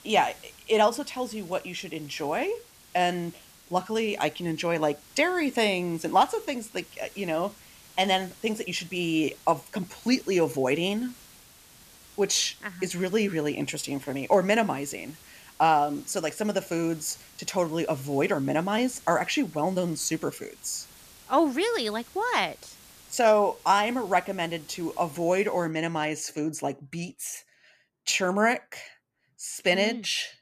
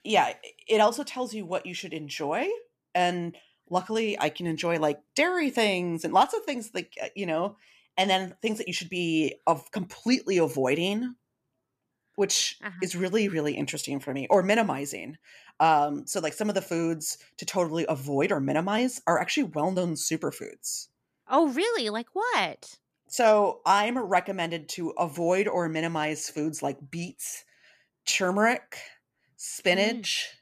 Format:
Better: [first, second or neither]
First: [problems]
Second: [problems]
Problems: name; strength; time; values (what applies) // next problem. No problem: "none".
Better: second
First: hiss; faint; until 26 s; 25 dB below the speech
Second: none